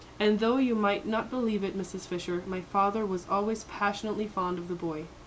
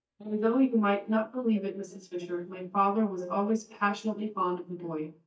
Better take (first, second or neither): first